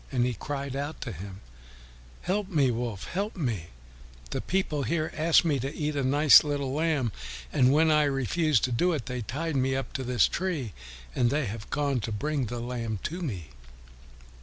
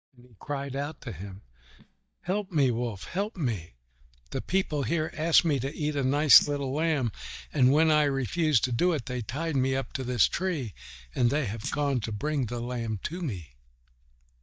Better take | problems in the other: first | noise reduction (neural mask model DeepFilterNet 3)

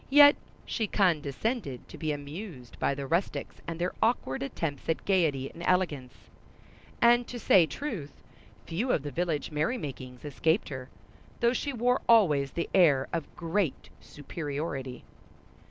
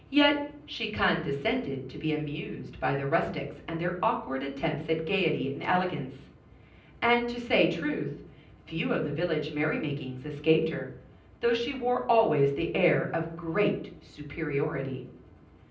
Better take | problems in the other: first | room echo; dies away in 0.6 s

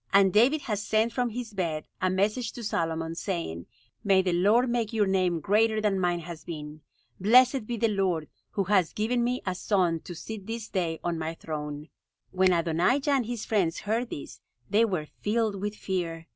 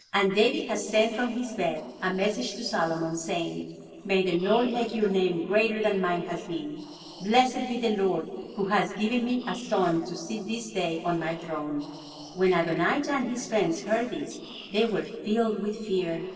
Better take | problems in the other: first | noise reduction (neural separator model SepFormer DNS4)

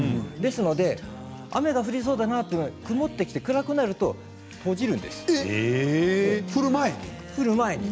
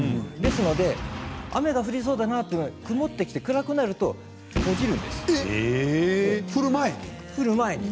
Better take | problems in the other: first | background sound (Boom); 8 dB below the speech

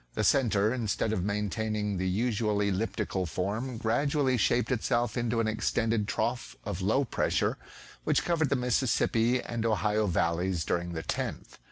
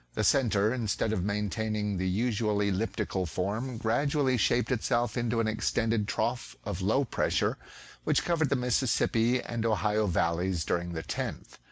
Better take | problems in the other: second | background sound (Crack); 14 dB below the speech

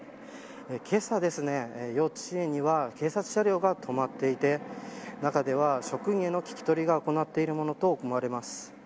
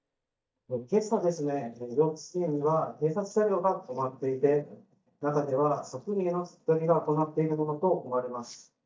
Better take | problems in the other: first | noise reduction (neural mask model DeepFilterNet 3)

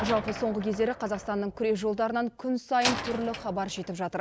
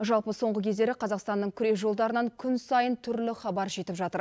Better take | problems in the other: second | background sound (Slam); 9 dB below the speech

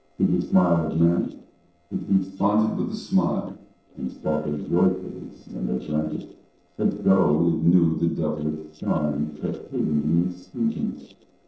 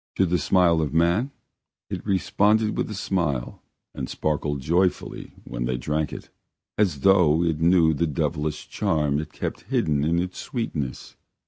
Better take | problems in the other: second | noise reduction (neural separator model SepFormer DNS4)

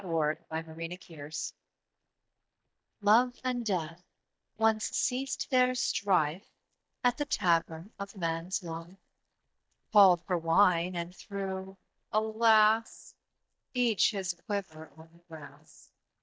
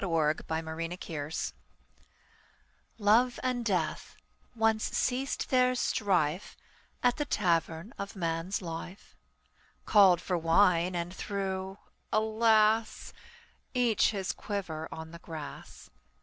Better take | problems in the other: second | noise reduction (neural mask model DeepFilterNet 3)

